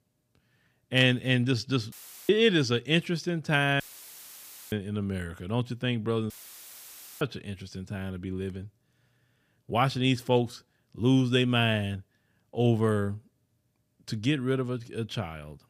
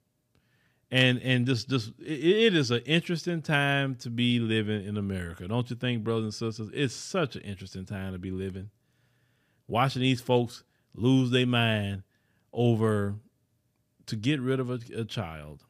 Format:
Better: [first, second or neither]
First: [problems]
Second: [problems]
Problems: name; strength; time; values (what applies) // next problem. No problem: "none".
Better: second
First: audio cutting out; filled with static; at 2 s, at 4 s for 1 s and at 6.5 s for 1 s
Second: none